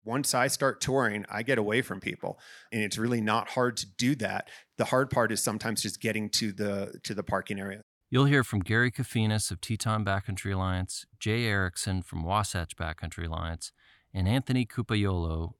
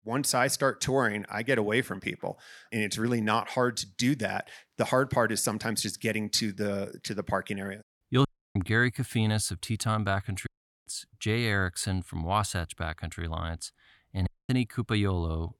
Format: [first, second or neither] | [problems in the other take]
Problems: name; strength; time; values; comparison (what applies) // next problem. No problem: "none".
first | audio cutting out; at 8.5 s, at 10 s and at 14 s